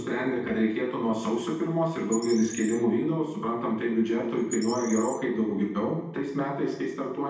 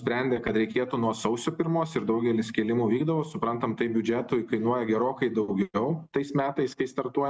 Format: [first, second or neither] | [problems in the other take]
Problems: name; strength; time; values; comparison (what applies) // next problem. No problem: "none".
second | background sound (Bird); 16 dB below the speech // room echo; dies away in 0.9 s